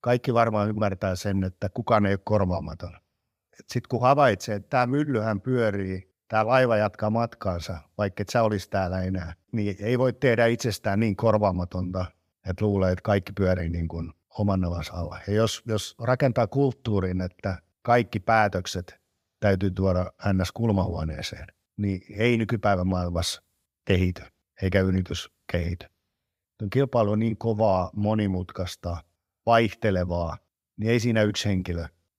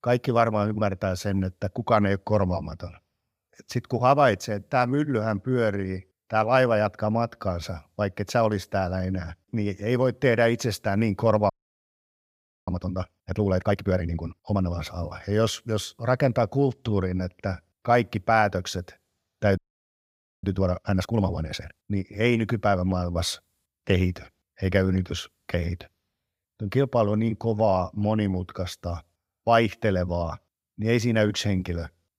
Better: first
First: none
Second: audio freezing; at 12 s for 1 s and at 20 s for 1 s

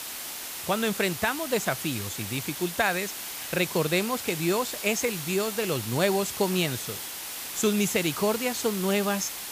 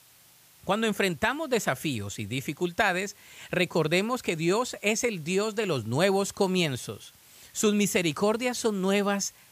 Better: second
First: hiss; loud; throughout; 6 dB below the speech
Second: hiss; faint; throughout; 25 dB below the speech

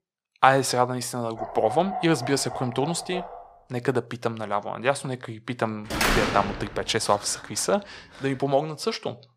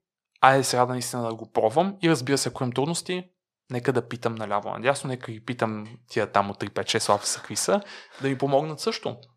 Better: second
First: dog barking; noticeable; from 1.5 to 3.5 s; peak 7 dB below the speech // door banging; loud; at 6 s; peak 3 dB above the speech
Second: none

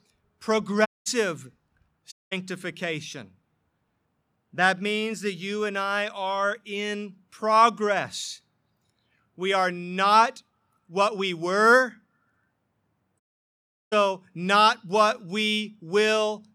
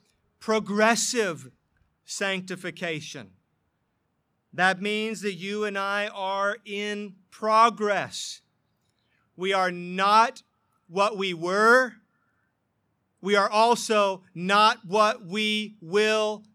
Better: second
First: audio cutting out; at 1 s, at 2 s and at 13 s for 0.5 s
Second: none

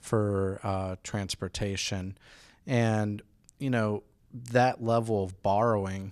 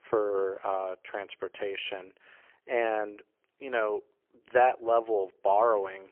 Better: first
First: none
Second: phone-call audio; poor line; nothing above 3 kHz

